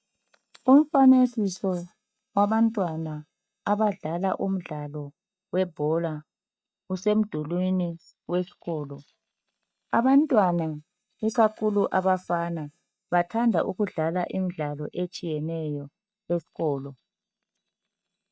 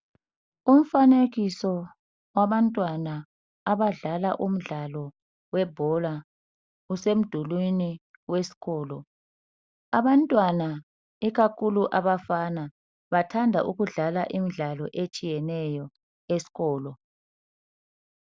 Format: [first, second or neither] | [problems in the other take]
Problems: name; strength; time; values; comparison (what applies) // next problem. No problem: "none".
second | noise reduction (neural mask model DeepFilterNet 3)